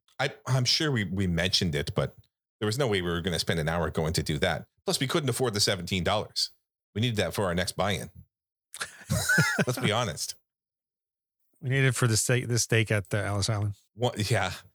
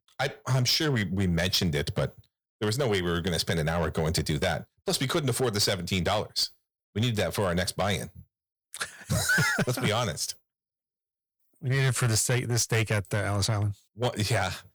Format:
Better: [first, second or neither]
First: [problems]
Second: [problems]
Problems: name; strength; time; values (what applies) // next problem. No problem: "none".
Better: first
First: none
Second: distortion; slight; 6% of the sound clipped